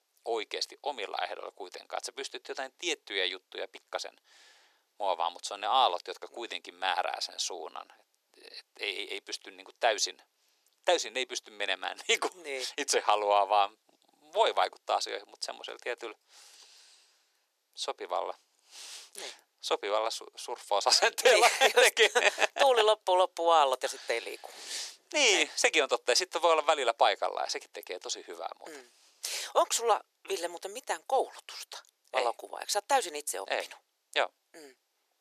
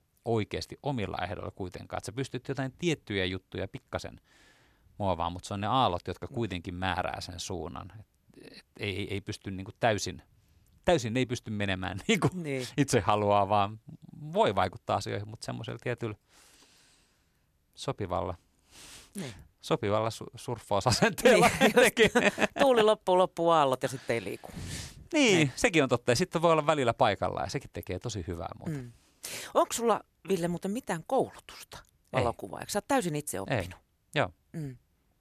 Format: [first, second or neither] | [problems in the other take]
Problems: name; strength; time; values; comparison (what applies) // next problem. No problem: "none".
second | thin; very; fading below 400 Hz